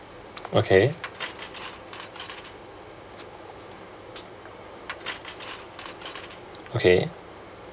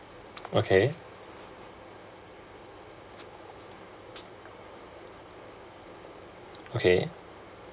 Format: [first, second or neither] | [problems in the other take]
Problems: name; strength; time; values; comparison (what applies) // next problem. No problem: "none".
second | background sound (Cutlery, silverware); 15 dB below the speech